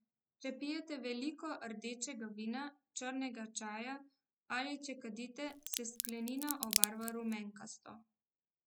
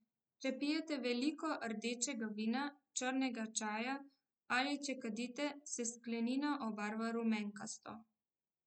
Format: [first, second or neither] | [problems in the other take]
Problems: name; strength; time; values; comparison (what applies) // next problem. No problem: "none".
second | background sound (Crack); 4 dB above the speech